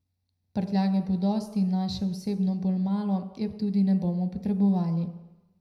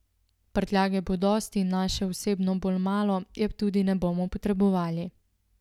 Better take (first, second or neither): second